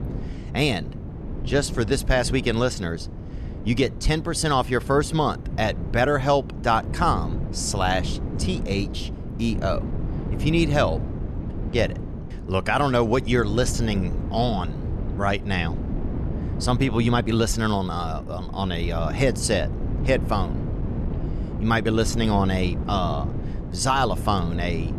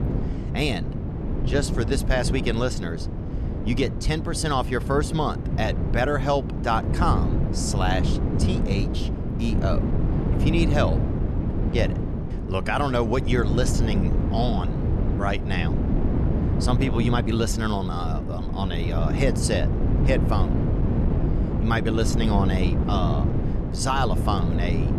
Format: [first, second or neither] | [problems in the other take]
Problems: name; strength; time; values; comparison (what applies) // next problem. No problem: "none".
first | wind noise on the microphone; heavy; 6 dB below the speech; occasional gusts in the first